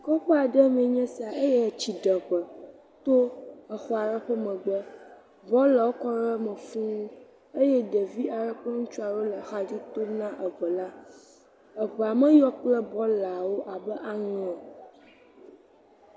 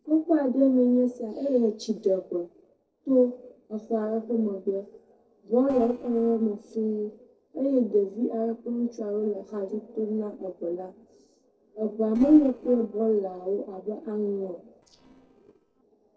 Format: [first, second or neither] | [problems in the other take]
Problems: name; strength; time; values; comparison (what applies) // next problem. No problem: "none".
first | noise reduction (neural separator model SepFormer DNS4)